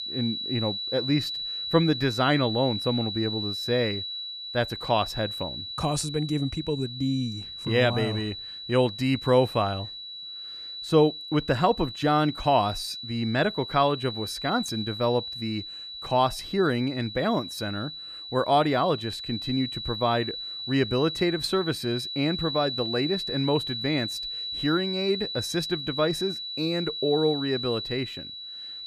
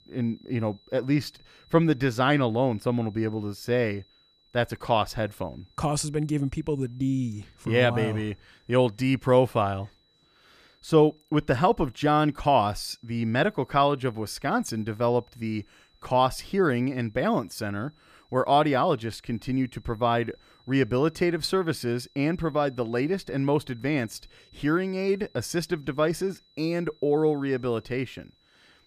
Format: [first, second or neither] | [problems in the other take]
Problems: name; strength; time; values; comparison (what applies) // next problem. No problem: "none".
second | high-pitched whine; loud; throughout; 4 kHz, 6 dB below the speech; faint in the second